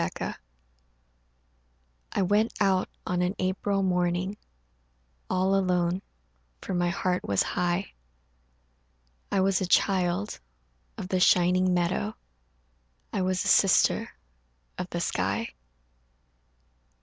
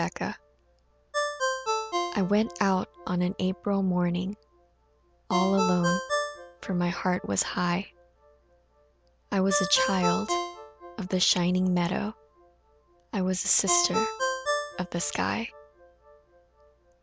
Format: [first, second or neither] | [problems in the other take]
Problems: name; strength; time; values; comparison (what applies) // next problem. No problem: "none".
first | background sound (Ringtone); 5 dB below the speech